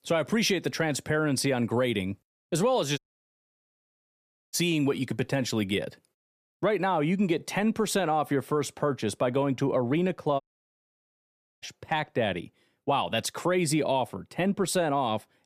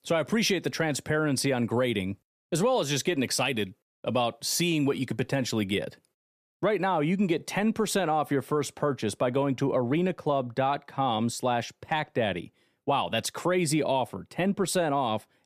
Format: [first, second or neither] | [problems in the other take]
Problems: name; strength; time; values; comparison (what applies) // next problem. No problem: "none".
second | audio cutting out; at 3 s for 1.5 s and at 10 s for 1 s